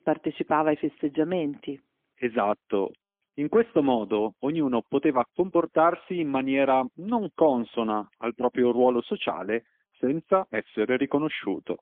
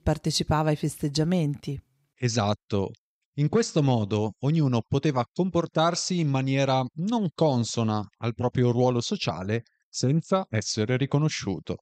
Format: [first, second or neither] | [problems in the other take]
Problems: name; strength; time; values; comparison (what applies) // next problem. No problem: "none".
second | phone-call audio; poor line; nothing above 3.5 kHz